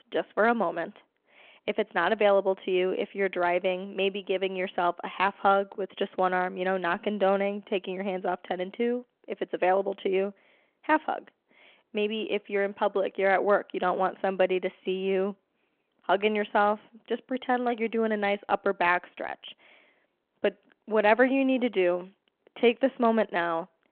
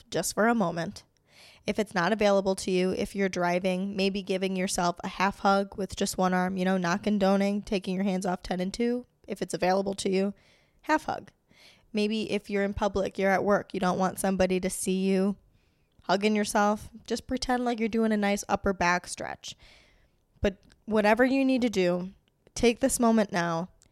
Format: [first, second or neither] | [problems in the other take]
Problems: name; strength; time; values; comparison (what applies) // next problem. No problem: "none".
second | phone-call audio